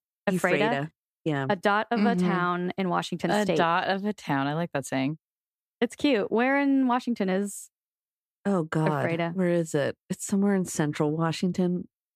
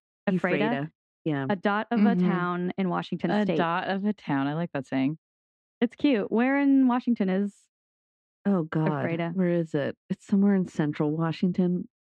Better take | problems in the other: first | muffled; slightly; fading above 3 kHz

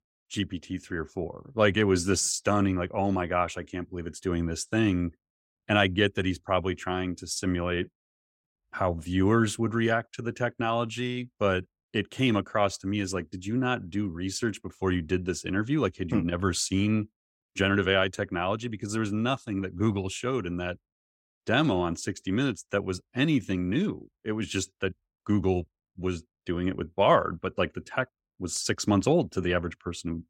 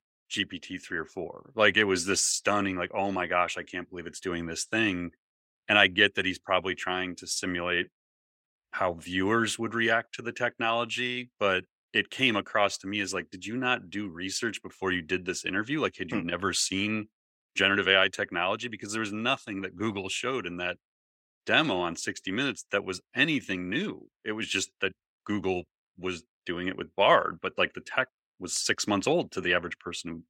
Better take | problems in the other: first | thin; very slightly; fading below 400 Hz

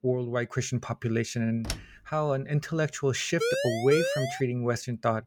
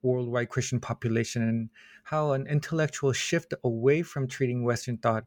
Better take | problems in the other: second | door banging; noticeable; at 1.5 s; peak 8 dB below the speech // siren; loud; from 3.5 to 4.5 s; peak 1 dB above the speech

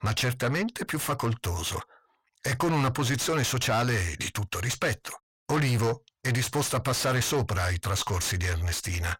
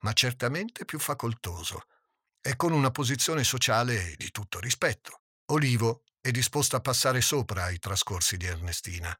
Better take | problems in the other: second | distortion; heavy; 6 dB below the speech

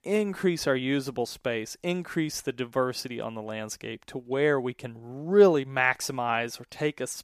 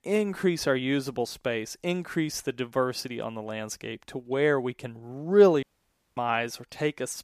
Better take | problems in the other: first | audio cutting out; at 5.5 s for 0.5 s

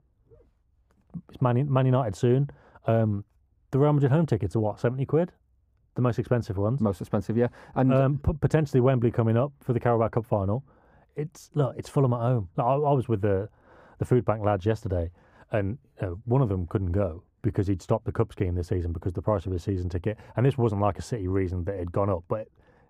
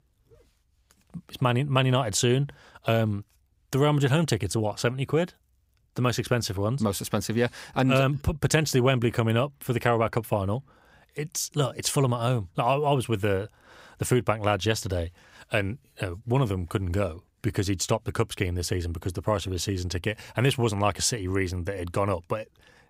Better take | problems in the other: second | muffled; very; fading above 2 kHz

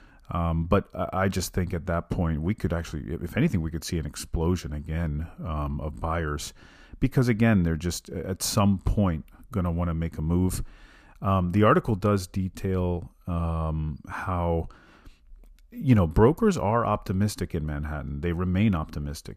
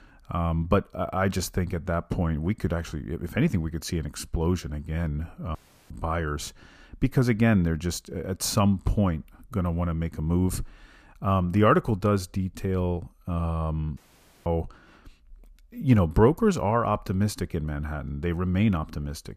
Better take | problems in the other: first | audio cutting out; at 5.5 s and at 14 s

